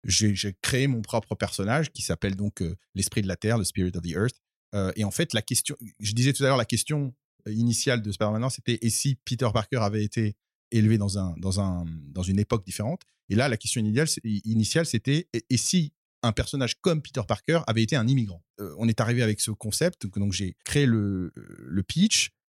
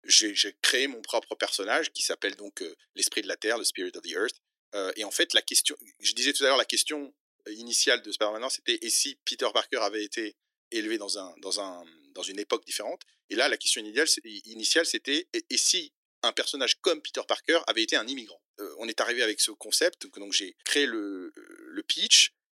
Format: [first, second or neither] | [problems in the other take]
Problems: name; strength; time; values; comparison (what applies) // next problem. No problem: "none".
first | thin; very; fading below 300 Hz